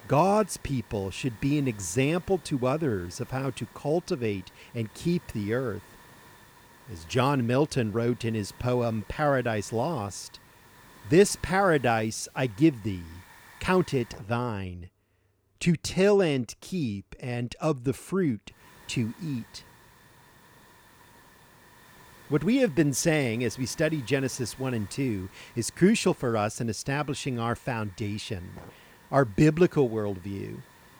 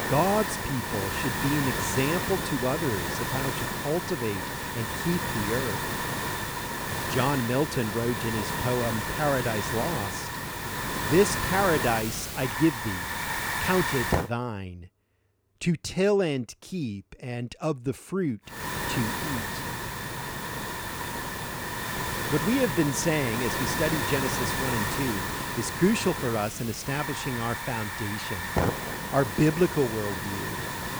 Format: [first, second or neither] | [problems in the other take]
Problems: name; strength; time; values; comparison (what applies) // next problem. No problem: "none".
first | hiss; loud; until 14 s and from 19 s on; 1 dB below the speech; faint in the first